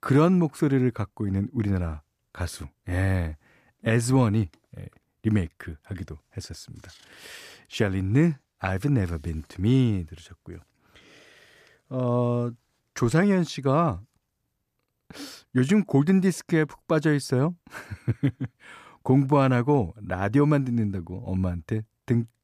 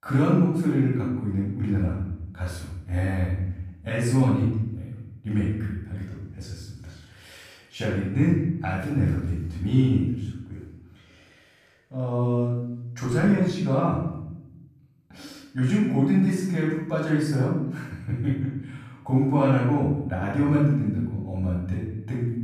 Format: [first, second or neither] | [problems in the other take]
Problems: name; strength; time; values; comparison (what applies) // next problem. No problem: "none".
first | room echo; noticeable; dies away in 0.9 s // off-mic speech; far